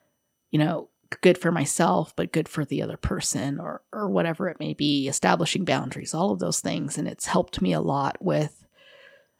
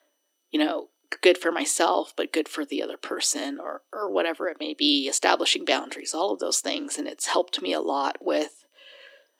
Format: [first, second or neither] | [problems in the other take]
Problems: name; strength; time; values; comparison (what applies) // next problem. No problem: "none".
first | thin; very slightly; fading below 300 Hz